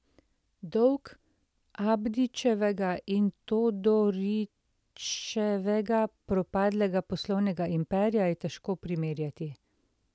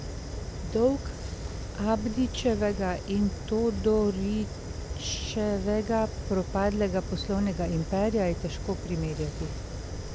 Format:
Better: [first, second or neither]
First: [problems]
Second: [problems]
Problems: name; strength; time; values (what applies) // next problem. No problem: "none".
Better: first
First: none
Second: background sound (Fire); 6 dB below the speech